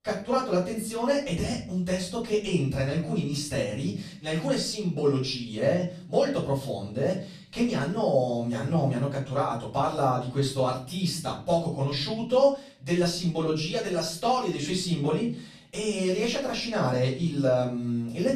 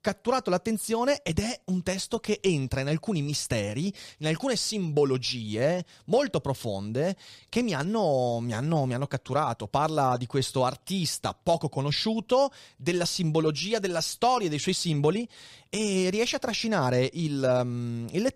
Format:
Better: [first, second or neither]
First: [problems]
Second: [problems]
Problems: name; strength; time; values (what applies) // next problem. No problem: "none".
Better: second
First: off-mic speech; far // room echo; slight; dies away in 0.4 s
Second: none